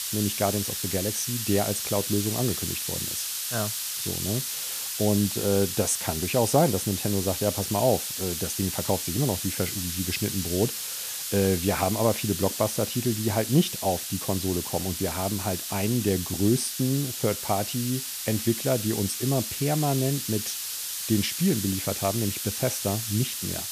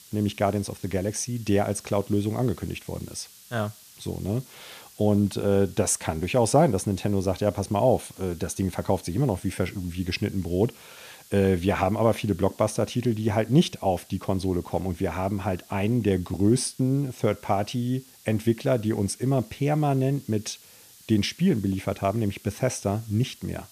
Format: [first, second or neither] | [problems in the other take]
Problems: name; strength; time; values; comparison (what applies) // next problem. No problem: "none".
second | hiss; loud; throughout; 2 dB below the speech; faint in the second